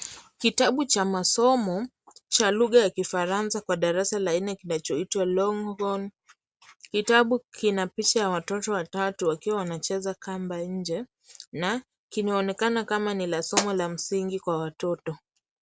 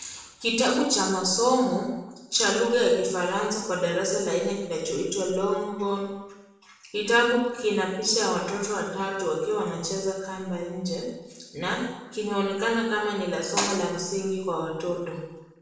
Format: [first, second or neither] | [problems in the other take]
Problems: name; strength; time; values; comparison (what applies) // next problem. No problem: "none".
first | room echo; dies away in 0.9 s